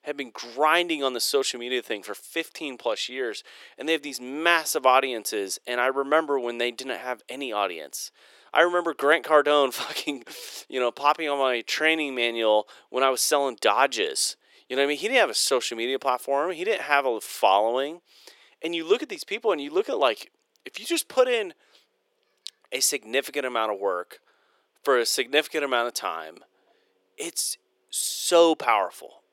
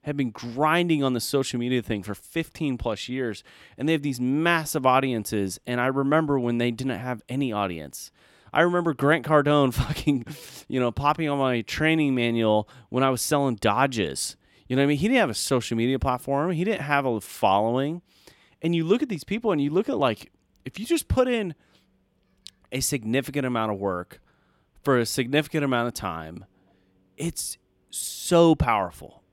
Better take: second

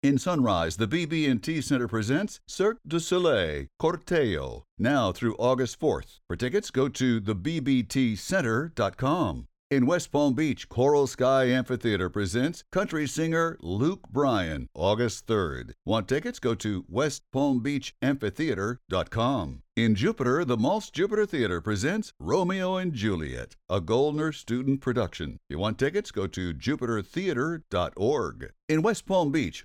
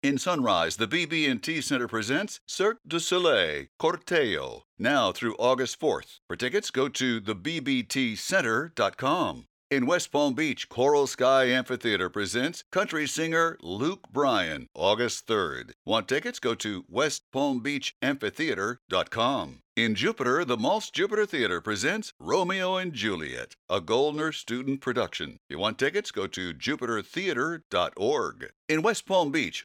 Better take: first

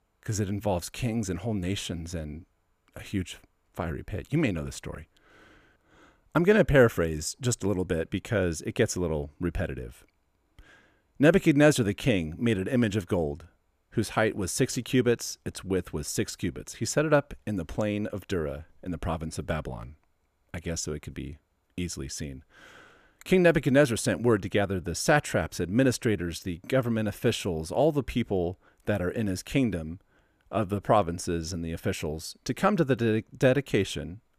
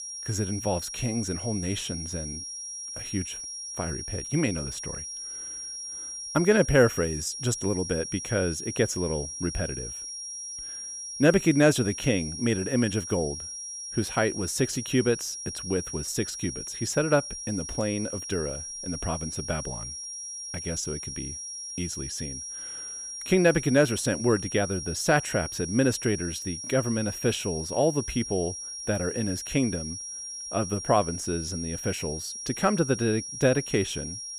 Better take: first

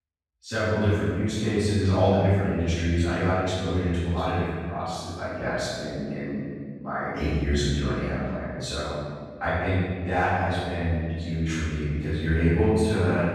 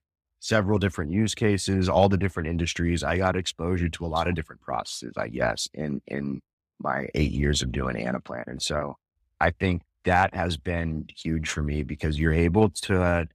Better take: second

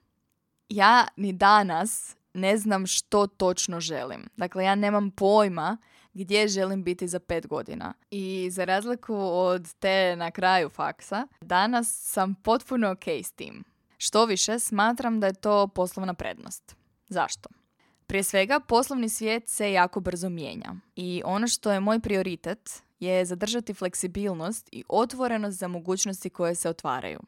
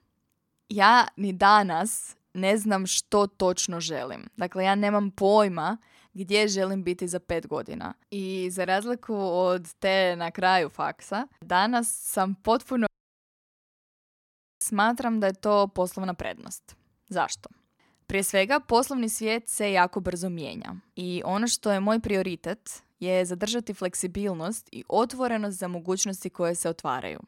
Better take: first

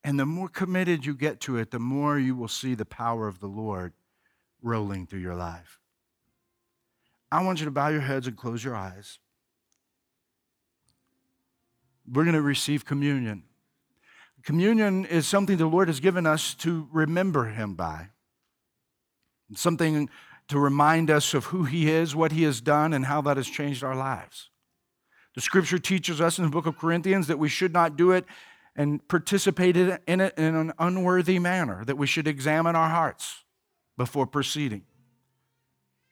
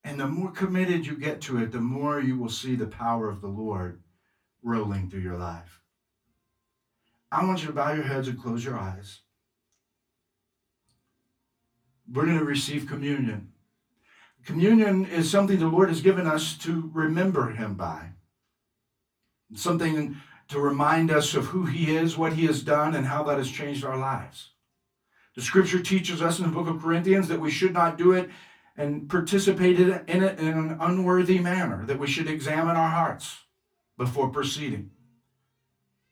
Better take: first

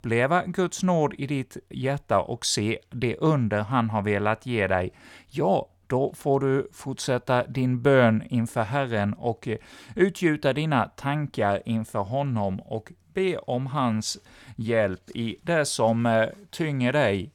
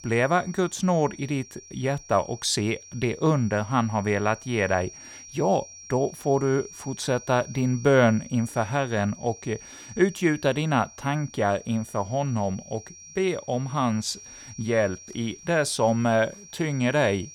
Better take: first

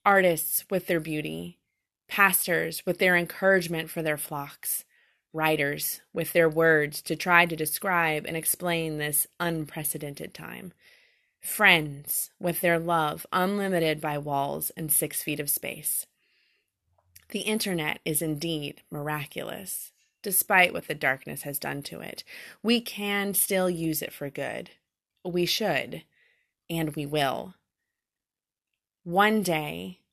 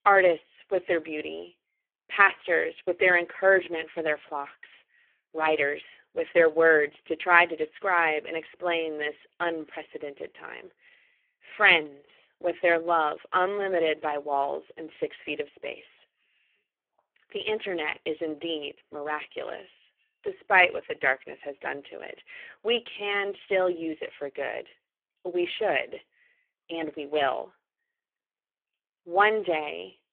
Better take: first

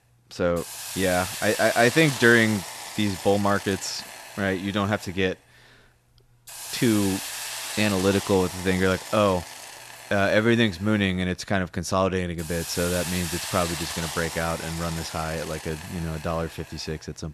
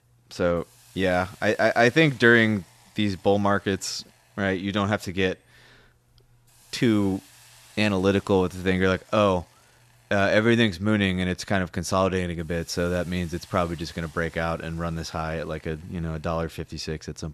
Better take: second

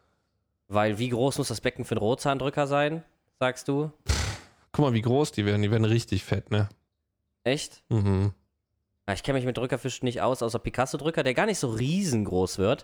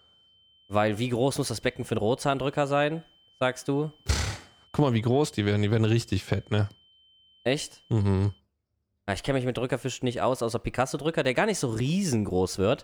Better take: first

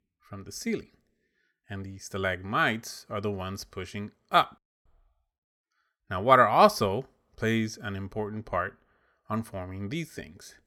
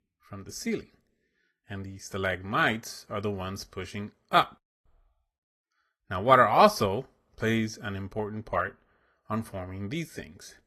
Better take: first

